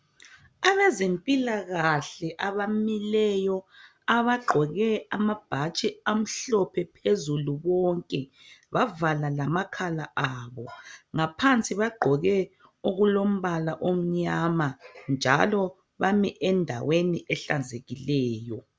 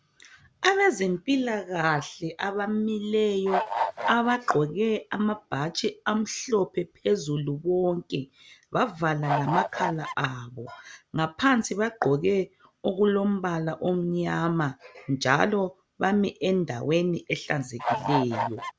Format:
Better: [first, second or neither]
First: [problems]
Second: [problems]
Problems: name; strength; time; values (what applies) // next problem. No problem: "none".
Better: first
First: none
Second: background sound (Bird / Fowl); 2 dB below the speech